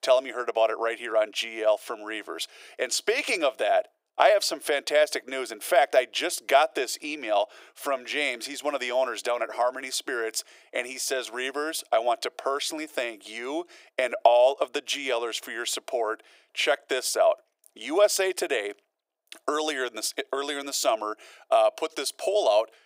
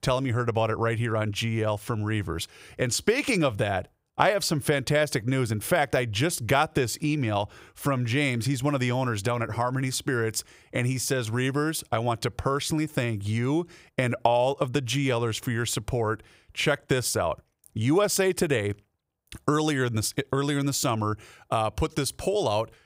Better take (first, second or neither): second